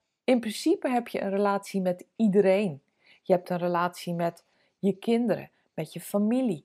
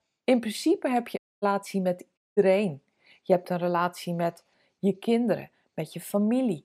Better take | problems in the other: first | audio cutting out; at 1 s and at 2 s

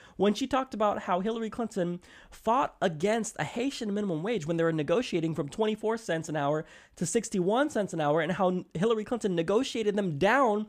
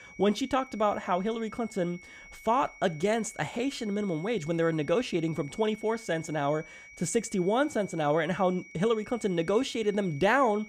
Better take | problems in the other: first | high-pitched whine; noticeable; throughout; 2 kHz, 20 dB below the speech

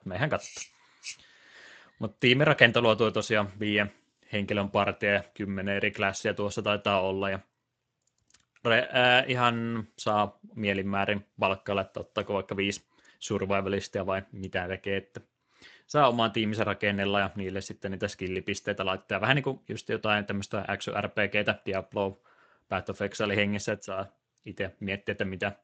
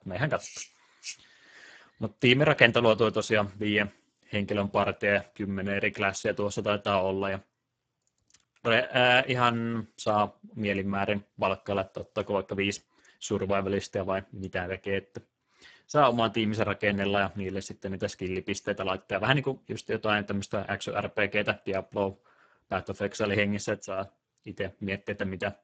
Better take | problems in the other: first | garbled, watery; badly; nothing above 7.5 kHz; slightly in the first

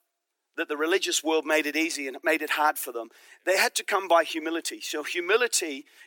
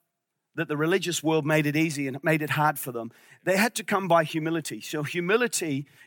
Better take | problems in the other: second | thin; somewhat; fading below 300 Hz

